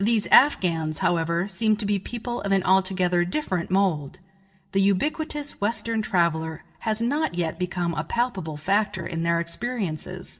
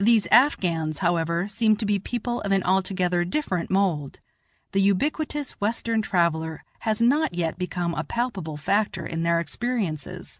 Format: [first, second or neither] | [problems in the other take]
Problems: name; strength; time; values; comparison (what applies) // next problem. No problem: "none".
second | room echo; dies away in 0.2 s